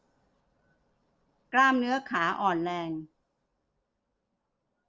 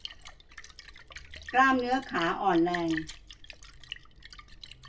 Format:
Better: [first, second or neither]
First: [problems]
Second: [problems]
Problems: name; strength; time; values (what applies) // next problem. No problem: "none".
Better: first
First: none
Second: background sound (Splash, splatter); 14 dB below the speech // room echo; dies away in 0.1 s